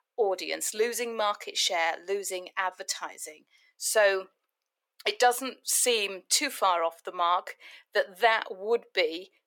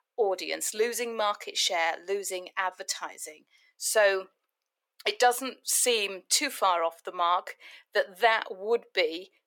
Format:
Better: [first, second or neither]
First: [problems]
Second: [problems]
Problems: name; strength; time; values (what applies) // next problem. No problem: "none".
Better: neither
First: thin; very; fading below 450 Hz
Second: thin; very; fading below 450 Hz